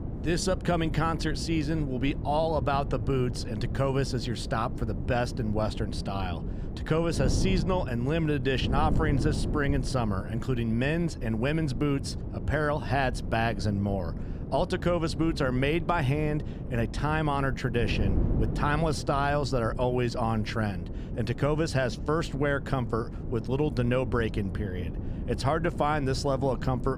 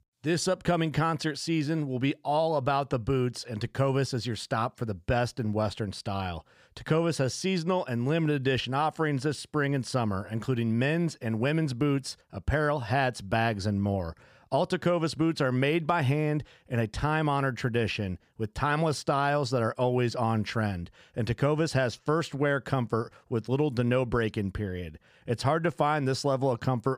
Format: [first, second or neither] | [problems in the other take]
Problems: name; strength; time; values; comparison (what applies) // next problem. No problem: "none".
second | wind noise on the microphone; occasional gusts; 15 dB below the speech